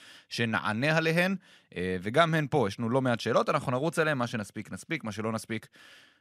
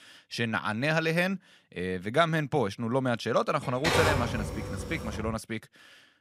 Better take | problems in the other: first | keyboard typing; loud; from 4 to 5.5 s; peak 4 dB above the speech

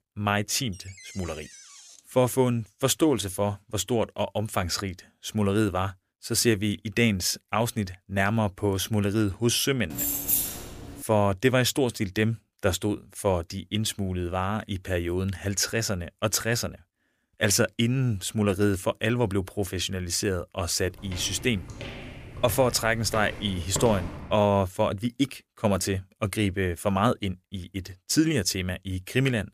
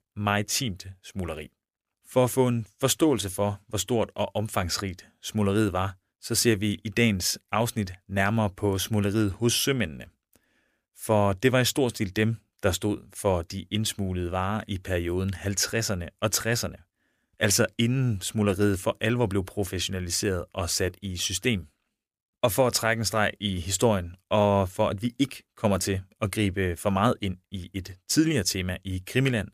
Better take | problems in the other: second | door banging; faint; from 0.5 to 2 s; peak 15 dB below the speech // jangling keys; loud; at 10 s; peak 3 dB above the speech // footsteps; noticeable; from 21 to 24 s; peak 7 dB below the speech

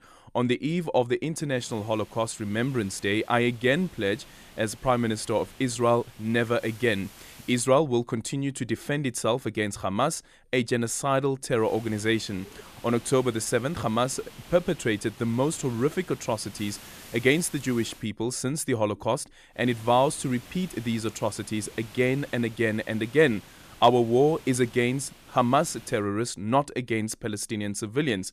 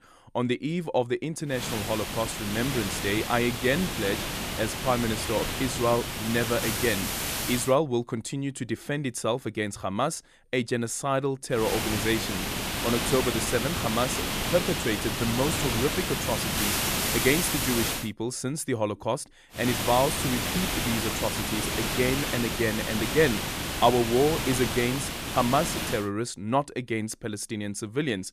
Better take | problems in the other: first | hiss; loud; from 1.5 to 7.5 s, from 12 to 18 s and from 20 to 26 s; 1 dB below the speech; faint in the first

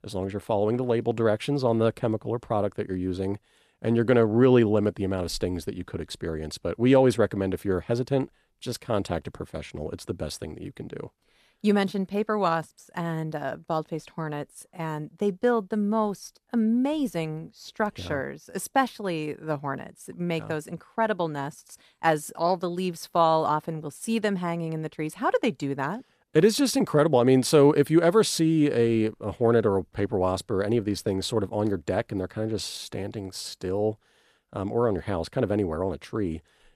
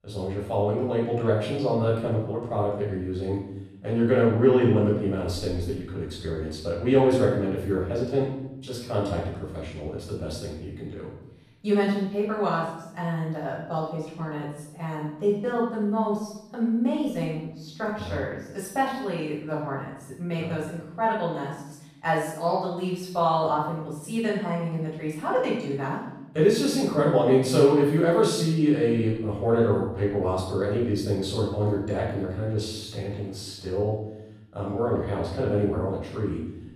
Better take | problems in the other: first | off-mic speech; far // room echo; noticeable; dies away in 0.8 s

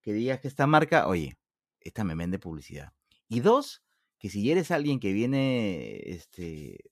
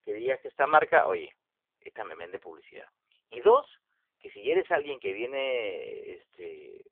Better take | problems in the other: first | phone-call audio; poor line

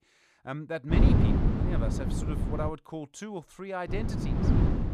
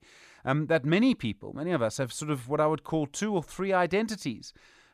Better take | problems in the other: second | wind noise on the microphone; heavy; from 1 to 2.5 s and from 4 s on; 2 dB above the speech

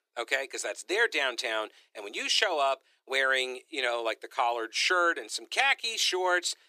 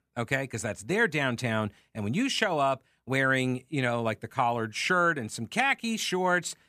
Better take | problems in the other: second | thin; very; fading below 350 Hz

